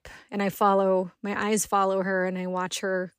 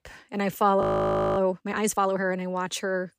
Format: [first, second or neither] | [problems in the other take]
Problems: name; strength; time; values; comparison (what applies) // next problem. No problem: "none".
first | audio freezing; at 1 s for 0.5 s